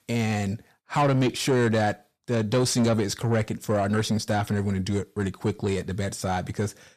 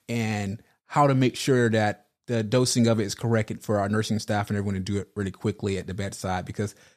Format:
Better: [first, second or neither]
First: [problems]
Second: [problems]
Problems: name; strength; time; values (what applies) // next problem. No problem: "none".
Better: second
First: distortion; slight; 10 dB below the speech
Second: none